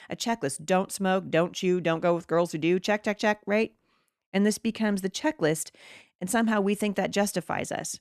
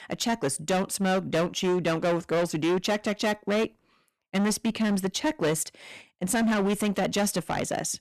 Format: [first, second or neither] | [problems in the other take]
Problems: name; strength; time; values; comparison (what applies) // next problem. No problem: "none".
first | distortion; heavy; 17% of the sound clipped